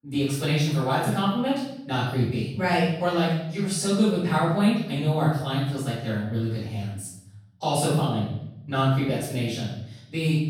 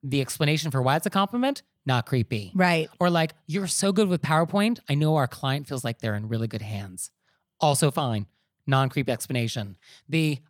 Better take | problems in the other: second | room echo; noticeable; dies away in 0.8 s // off-mic speech; far

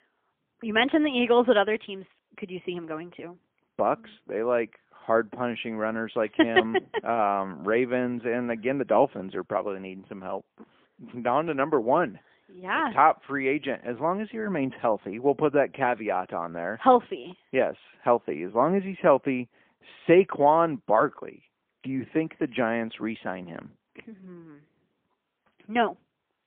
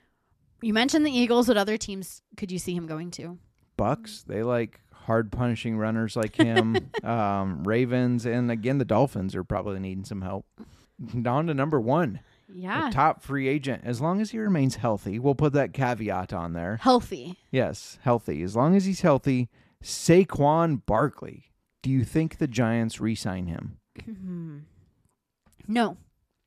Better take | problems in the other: second | phone-call audio; poor line; nothing above 3.5 kHz

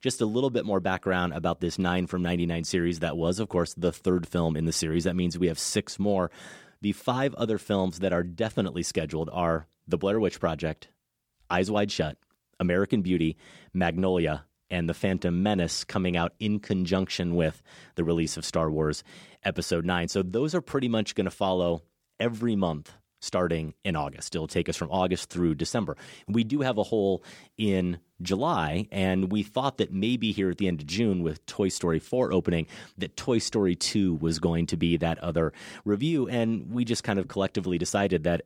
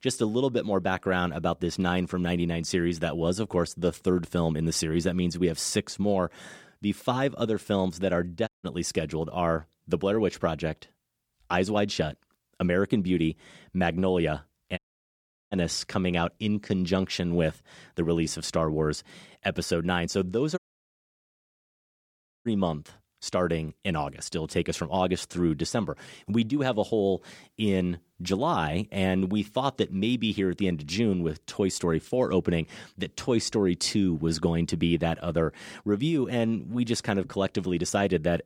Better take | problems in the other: first | audio cutting out; at 8.5 s, at 15 s for 0.5 s and at 21 s for 2 s

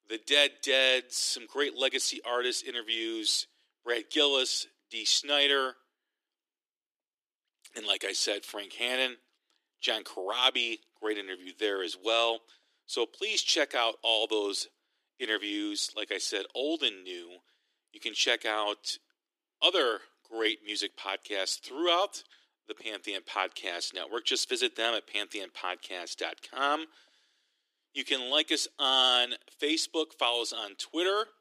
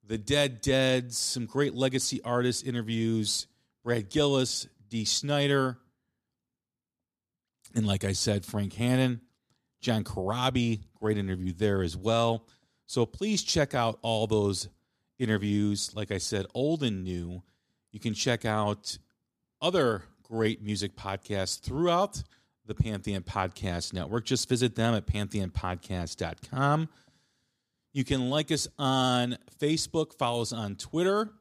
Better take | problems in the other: second | thin; very; fading below 300 Hz

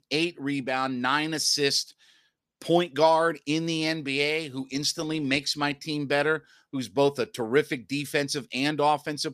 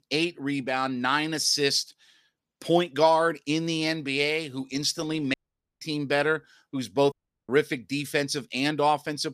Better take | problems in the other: first | audio cutting out; at 5.5 s and at 7 s

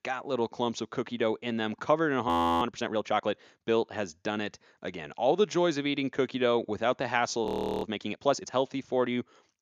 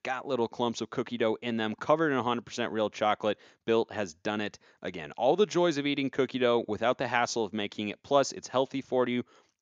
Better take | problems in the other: second | audio freezing; at 2.5 s and at 7.5 s

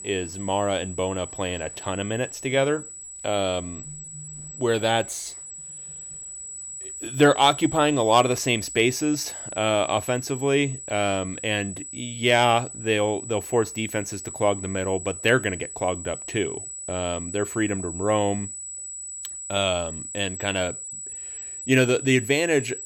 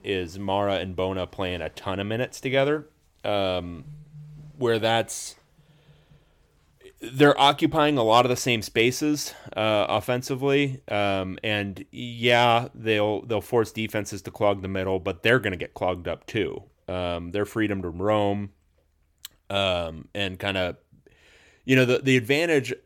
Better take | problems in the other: second | high-pitched whine; loud; throughout; 8 kHz, 10 dB below the speech

